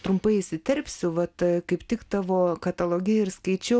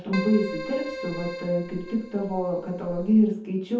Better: first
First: none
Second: background sound (Keyboard (musical)); 11 dB below the speech // room echo; dies away in 0.6 s

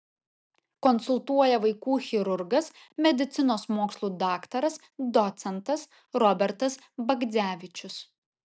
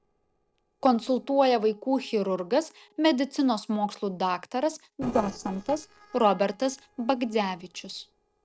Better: first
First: none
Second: noise reduction (neural separator model SepFormer DNS4)

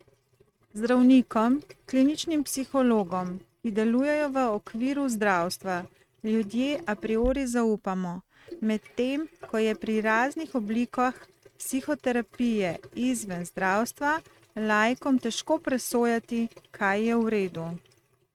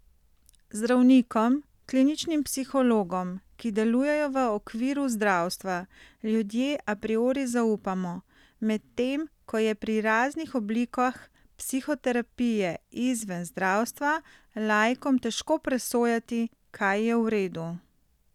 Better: second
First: noise reduction (neural mask model RNNoise)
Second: none

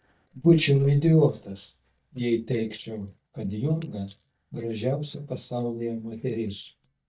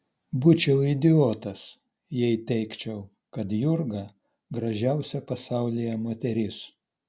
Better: second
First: noise reduction (neural mask model DeepFilterNet 3)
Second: none

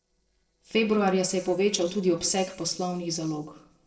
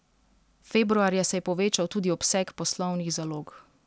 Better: second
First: noise reduction (neural separator model SepFormer DNS4)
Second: none

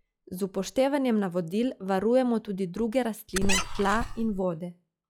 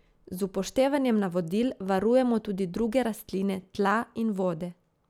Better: second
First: noise reduction (classical method log-MMSE)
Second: none

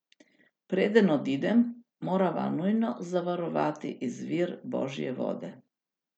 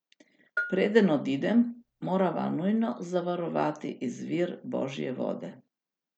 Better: first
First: none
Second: background sound (Bell); 12 dB below the speech

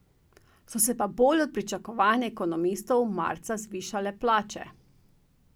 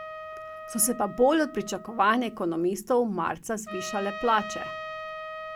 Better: first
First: none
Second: background sound (Trumpet); 12 dB below the speech

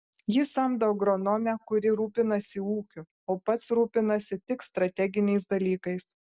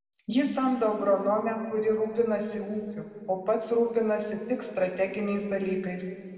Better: first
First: none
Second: room echo; dies away in 2.2 s

